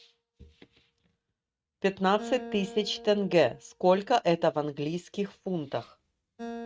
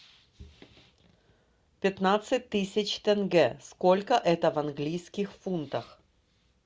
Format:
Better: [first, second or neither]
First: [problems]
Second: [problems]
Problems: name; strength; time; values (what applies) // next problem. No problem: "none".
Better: second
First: noise reduction (neural mask model RNNoise)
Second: none